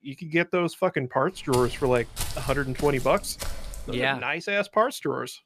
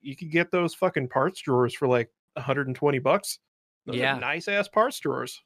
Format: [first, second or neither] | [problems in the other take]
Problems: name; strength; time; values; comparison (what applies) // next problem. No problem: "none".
second | footsteps; noticeable; from 1.5 to 4 s; peak 7 dB below the speech